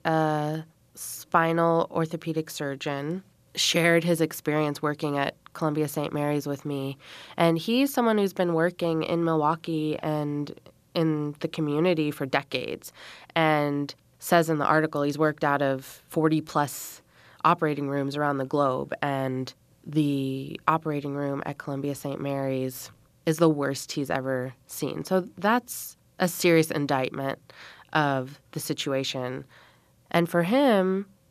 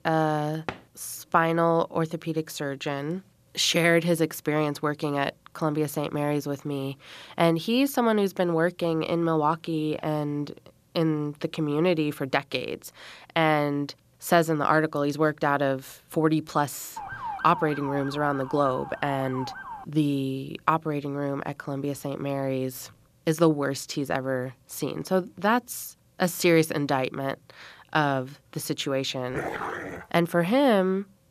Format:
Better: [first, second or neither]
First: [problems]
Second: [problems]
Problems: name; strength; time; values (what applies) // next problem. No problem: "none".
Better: first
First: none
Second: door banging; faint; at 0.5 s; peak 10 dB below the speech // siren; noticeable; from 17 to 20 s; peak 8 dB below the speech // dog barking; noticeable; at 29 s; peak 5 dB below the speech